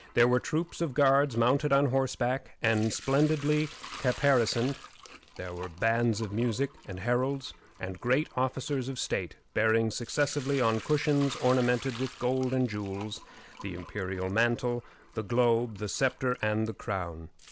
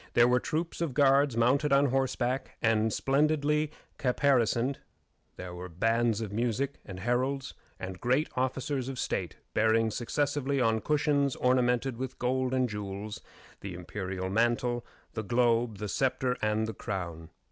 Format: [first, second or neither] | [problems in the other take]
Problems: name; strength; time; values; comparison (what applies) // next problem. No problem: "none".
second | background sound (Sink (filling or washing) / Liquid); 20 dB below the speech